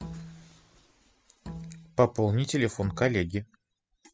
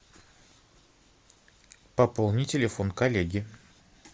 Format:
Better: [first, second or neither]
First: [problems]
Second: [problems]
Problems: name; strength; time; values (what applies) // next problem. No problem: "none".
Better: second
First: noise reduction (classical method spectral subtraction)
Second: none